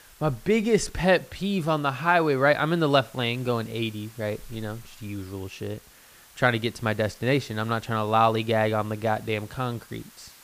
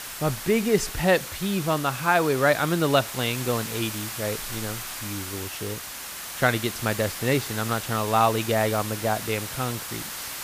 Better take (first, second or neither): first